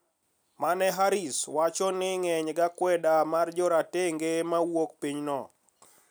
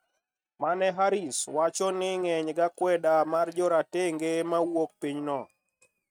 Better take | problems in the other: first | noise reduction (neural mask model RNNoise)

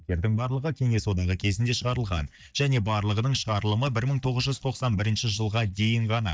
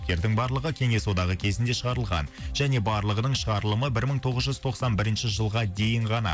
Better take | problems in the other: second | noise reduction (neural mask model DeepFilterNet 3)

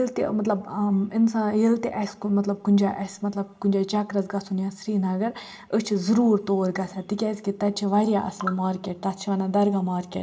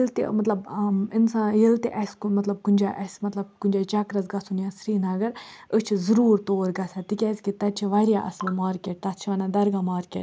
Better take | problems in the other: second | room echo; dies away in 0.3 s

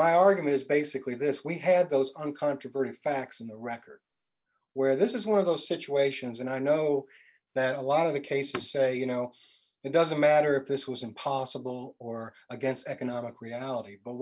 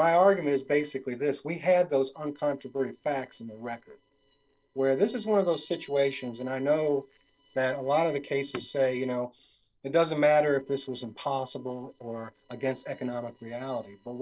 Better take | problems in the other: first | noise reduction (neural separator model SepFormer DNS4)

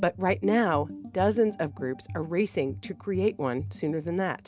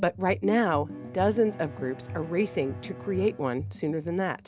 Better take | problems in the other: first | background sound (Bowed string instrument); 18 dB below the speech

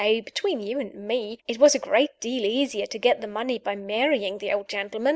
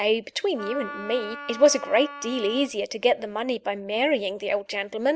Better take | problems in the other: first | background sound (Wind instrument, woodwind instrument); 14 dB below the speech

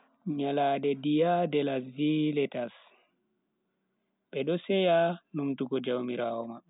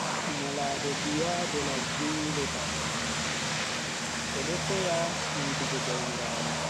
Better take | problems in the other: first | background sound (Vehicle); 4 dB above the speech

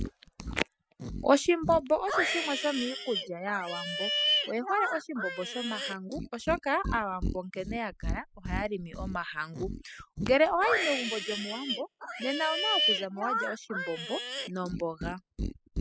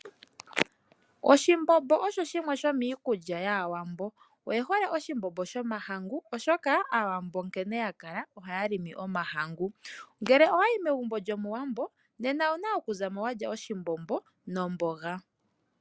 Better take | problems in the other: second | noise reduction (classical method spectral subtraction)

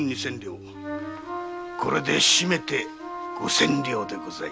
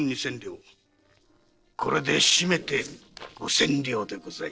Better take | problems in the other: first | noise reduction (neural separator model SepFormer DNS4)

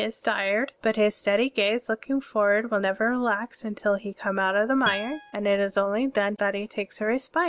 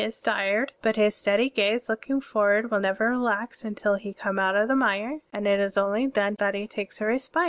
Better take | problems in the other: second | background sound (Acoustic guitar); 13 dB below the speech

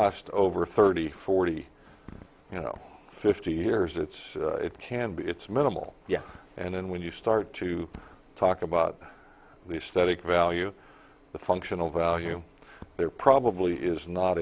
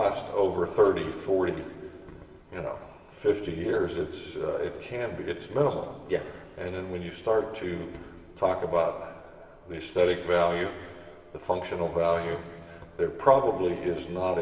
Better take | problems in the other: first | room echo; dies away in 2.6 s

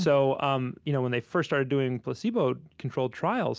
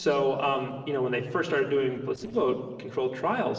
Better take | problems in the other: first | noise reduction (neural separator model SepFormer DNS4)

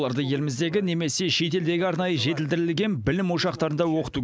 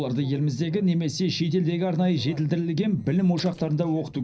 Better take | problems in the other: first | noise reduction (neural separator model SepFormer DNS4)

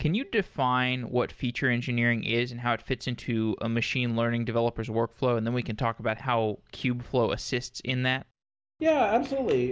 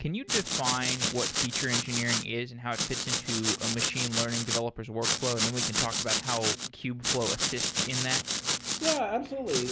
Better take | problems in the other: first | background sound (Domestic sounds, home sounds); 2 dB above the speech

